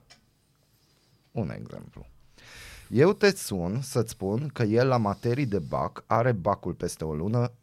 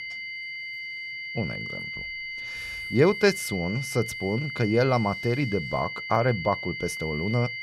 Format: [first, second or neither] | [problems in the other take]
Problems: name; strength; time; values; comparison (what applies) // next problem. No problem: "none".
first | high-pitched whine; loud; throughout; 2 kHz, 7 dB below the speech